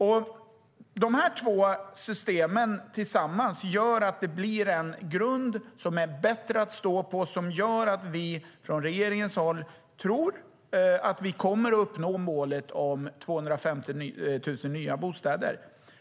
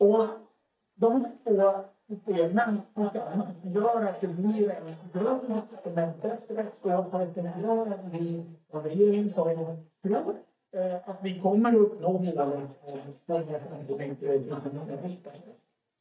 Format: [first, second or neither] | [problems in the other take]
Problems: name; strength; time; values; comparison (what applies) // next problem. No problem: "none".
first | noise reduction (neural mask model DeepFilterNet 3)